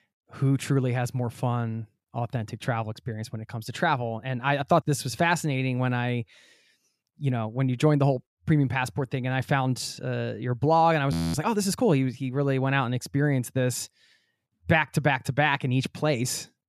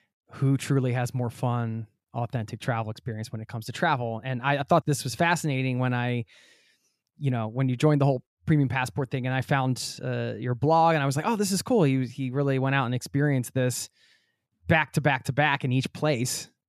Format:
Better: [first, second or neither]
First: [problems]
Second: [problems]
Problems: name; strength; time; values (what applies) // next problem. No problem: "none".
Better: second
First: audio freezing; at 11 s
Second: none